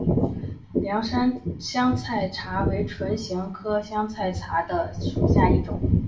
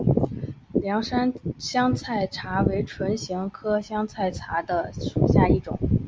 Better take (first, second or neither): second